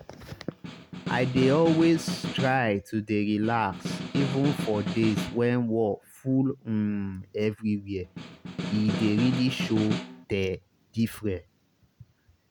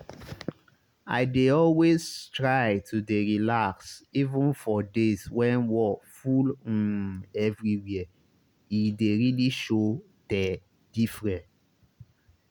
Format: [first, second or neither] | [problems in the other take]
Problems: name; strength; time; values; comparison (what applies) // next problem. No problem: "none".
second | background sound (Snare drum); 5 dB below the speech